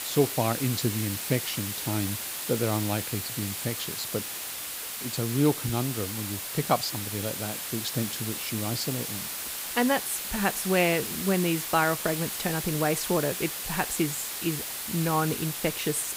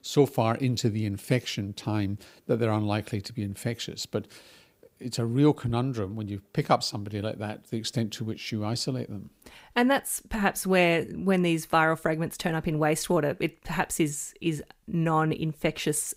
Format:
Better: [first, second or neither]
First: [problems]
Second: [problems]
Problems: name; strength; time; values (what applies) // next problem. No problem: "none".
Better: second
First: hiss; loud; throughout; 3 dB below the speech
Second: none